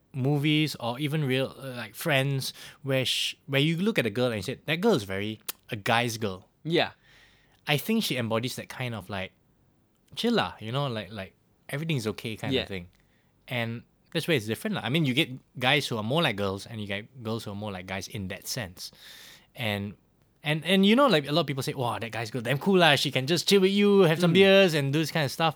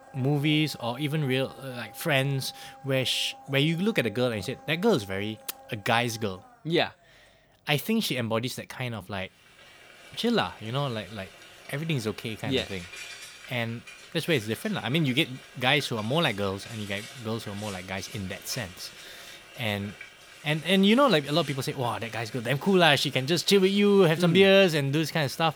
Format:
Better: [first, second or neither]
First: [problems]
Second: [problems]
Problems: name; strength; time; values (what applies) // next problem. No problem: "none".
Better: first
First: none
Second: household noises; noticeable; throughout; 20 dB below the speech